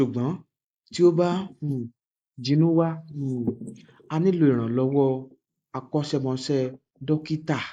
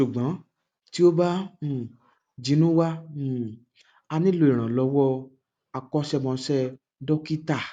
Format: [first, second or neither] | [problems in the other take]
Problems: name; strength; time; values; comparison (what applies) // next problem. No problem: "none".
second | noise reduction (neural mask model Resemble Enhance denoiser)